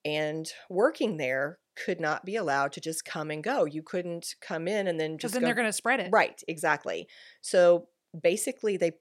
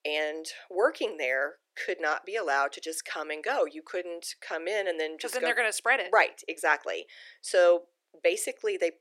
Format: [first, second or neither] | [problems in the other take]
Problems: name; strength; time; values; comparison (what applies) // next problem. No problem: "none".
first | thin; very; fading below 350 Hz